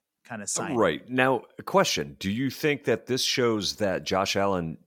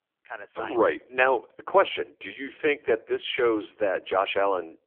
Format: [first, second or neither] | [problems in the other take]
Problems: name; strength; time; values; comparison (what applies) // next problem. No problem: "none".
first | phone-call audio; poor line; nothing above 3.5 kHz